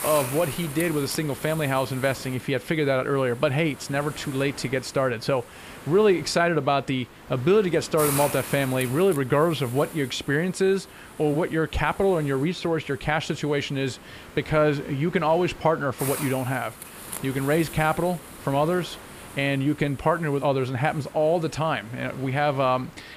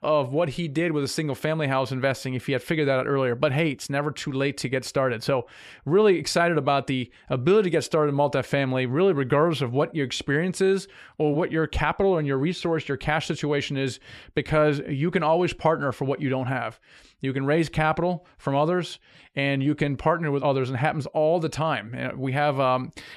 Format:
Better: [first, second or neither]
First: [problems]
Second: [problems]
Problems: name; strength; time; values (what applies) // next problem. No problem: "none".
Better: second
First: hiss; noticeable; throughout; 15 dB below the speech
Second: none